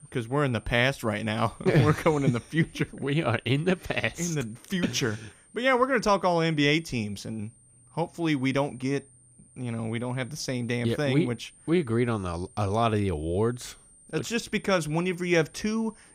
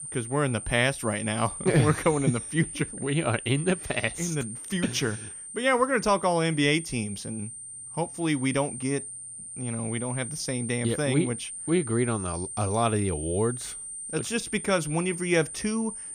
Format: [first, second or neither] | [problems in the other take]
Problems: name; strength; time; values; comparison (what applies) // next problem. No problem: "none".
first | high-pitched whine; loud; throughout; 9 kHz, 9 dB below the speech; faint in the first